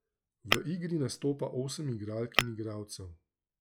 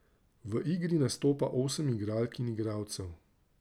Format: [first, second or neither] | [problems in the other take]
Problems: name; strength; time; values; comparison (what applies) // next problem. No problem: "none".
second | noise reduction (classical method log-MMSE)